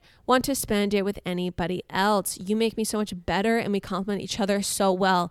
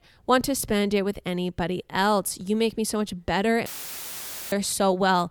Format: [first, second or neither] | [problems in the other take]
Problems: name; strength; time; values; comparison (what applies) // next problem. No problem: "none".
first | audio cutting out; filled with static; at 3.5 s for 1 s